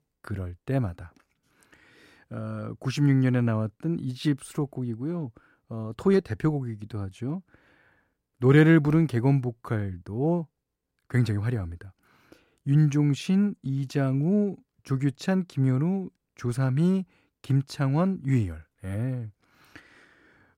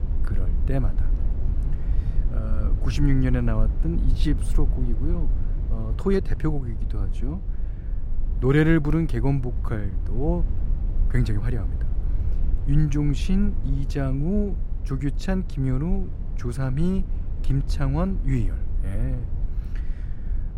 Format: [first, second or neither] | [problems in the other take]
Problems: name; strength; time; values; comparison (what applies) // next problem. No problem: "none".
first | low rumble; noticeable; throughout; 15 dB below the speech